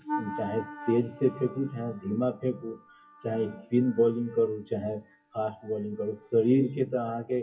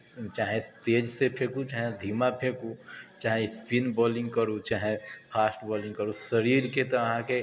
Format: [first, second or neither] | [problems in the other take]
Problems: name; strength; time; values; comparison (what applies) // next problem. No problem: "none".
second | noise reduction (classical method WPE with log-MMSE)